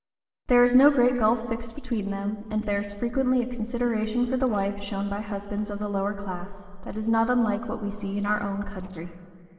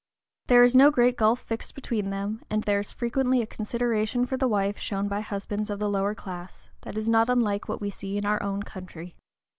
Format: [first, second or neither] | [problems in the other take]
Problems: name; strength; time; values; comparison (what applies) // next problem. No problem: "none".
second | noise reduction (neural separator model SepFormer DNS4)